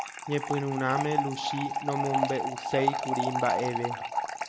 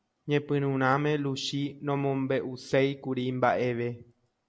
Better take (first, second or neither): second